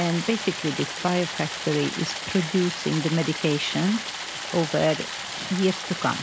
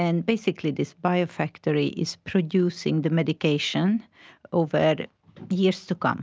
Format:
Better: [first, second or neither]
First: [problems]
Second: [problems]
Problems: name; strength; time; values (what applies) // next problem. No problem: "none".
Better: second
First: background sound (Stream); 7 dB below the speech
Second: none